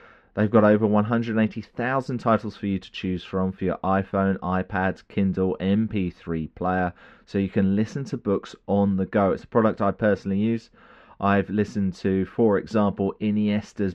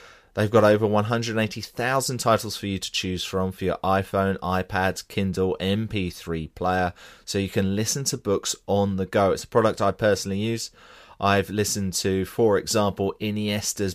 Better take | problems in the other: second | muffled; very; fading above 2 kHz

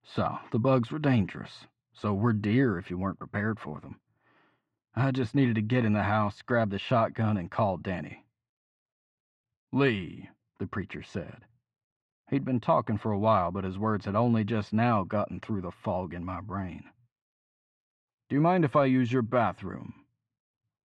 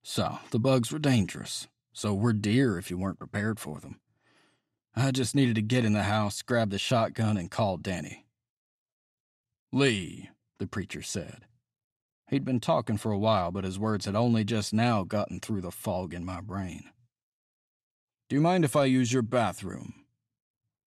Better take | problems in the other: second | muffled; very; fading above 2 kHz

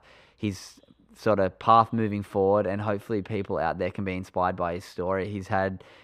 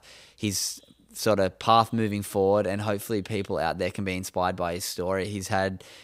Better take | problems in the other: second | muffled; very; fading above 4 kHz

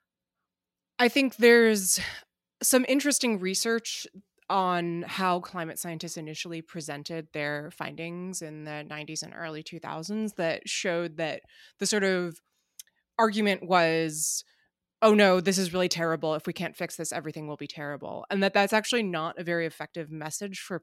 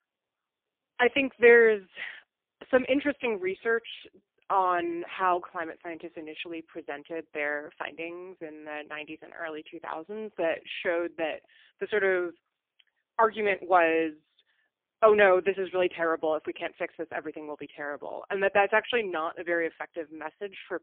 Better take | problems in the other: first | phone-call audio; poor line

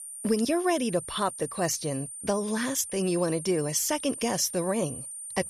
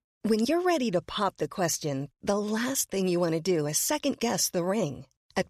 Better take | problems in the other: second | high-pitched whine; loud; throughout; 9 kHz, 9 dB below the speech

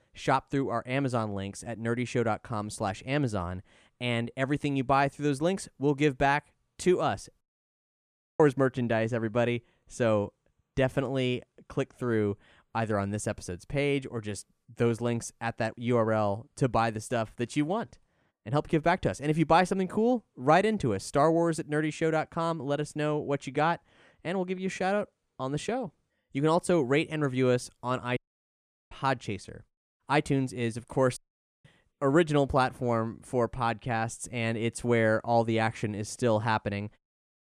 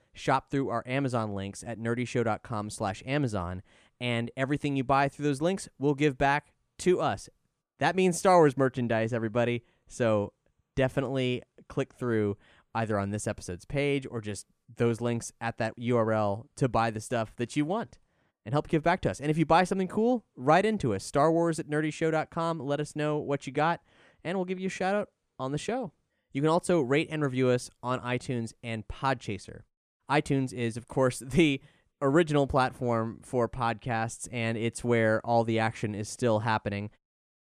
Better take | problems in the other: second | audio cutting out; at 7.5 s for 1 s, at 28 s for 0.5 s and at 31 s

